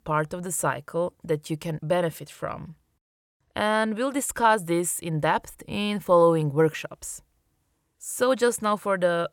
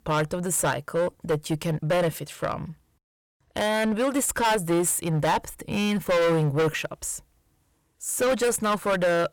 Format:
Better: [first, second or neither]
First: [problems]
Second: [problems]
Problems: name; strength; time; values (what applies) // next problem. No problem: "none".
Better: first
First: none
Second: distortion; heavy; 13% of the sound clipped